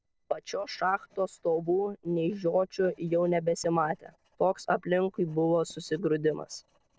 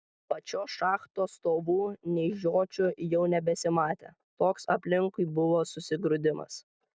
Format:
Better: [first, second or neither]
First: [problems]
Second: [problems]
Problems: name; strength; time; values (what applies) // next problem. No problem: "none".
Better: second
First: noise reduction (neural separator model SepFormer DNS4)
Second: none